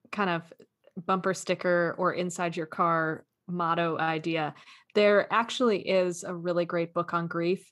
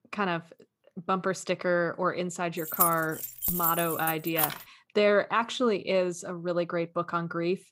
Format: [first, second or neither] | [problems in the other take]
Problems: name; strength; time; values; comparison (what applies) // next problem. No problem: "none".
first | jangling keys; loud; from 2.5 to 4.5 s; peak 2 dB above the speech